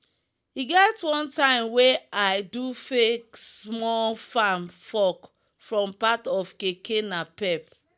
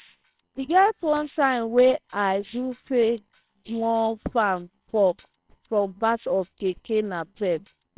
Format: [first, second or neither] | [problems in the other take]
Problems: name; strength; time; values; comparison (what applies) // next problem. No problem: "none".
first | noise reduction (neural separator model SepFormer WHAMR!)